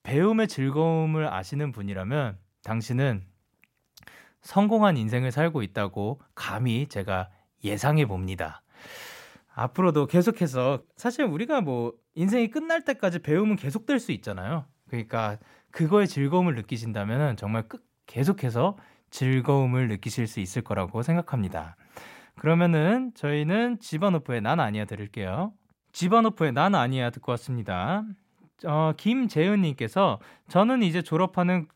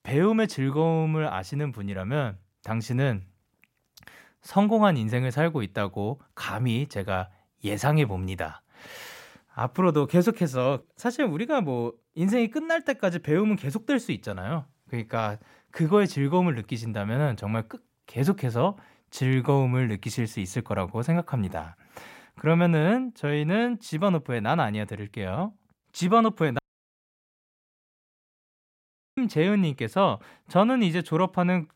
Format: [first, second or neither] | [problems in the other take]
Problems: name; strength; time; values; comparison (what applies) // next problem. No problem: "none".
first | audio cutting out; at 27 s for 2.5 s